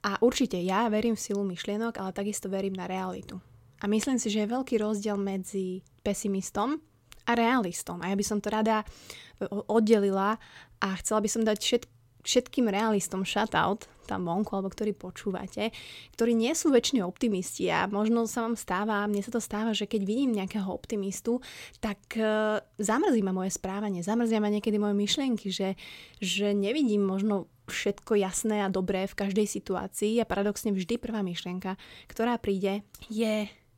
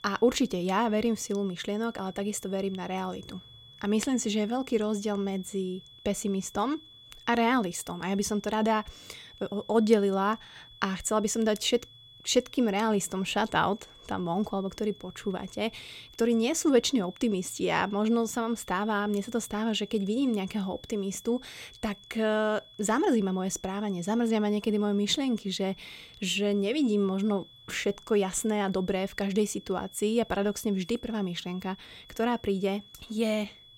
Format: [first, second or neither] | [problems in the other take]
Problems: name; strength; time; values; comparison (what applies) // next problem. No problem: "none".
first | high-pitched whine; faint; throughout; 3.5 kHz, 20 dB below the speech